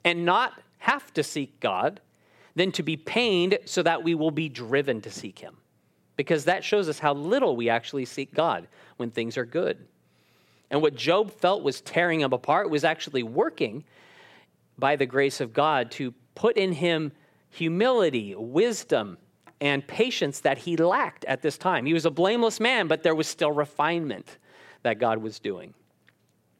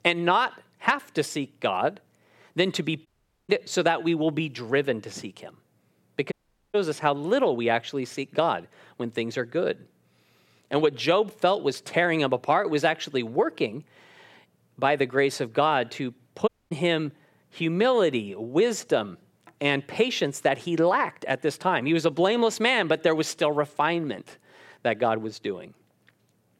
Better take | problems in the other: first | audio cutting out; at 3 s, at 6.5 s and at 16 s

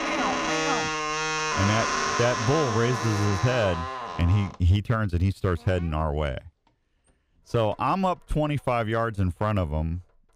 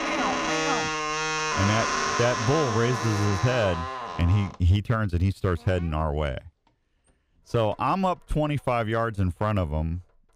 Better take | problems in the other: neither | household noises; loud; throughout; 1 dB below the speech; the same in both

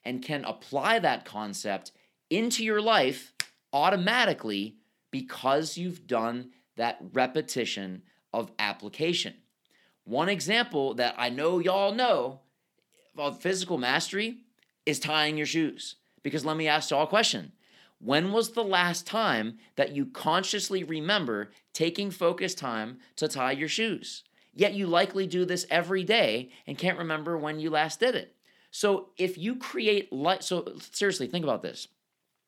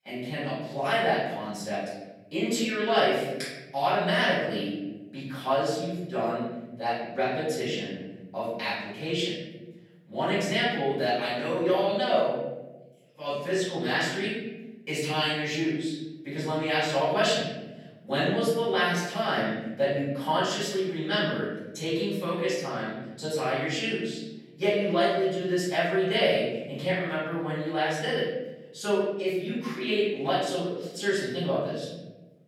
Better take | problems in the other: first | room echo; noticeable; dies away in 1.4 s // off-mic speech; far

